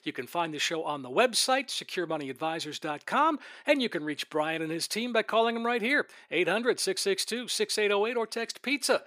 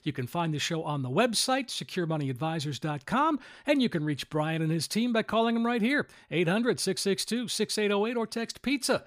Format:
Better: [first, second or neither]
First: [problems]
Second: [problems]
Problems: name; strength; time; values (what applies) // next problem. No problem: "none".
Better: second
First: thin; somewhat; fading below 400 Hz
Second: none